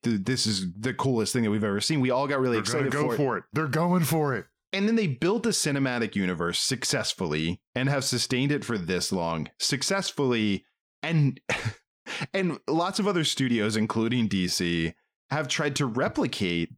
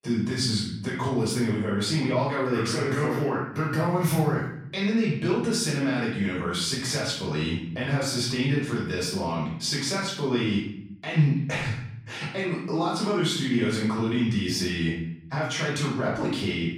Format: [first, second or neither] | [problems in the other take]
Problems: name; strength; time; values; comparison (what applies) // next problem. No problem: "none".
first | room echo; noticeable; dies away in 0.7 s // off-mic speech; far